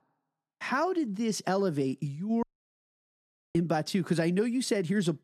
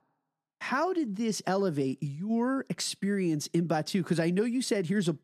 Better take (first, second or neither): second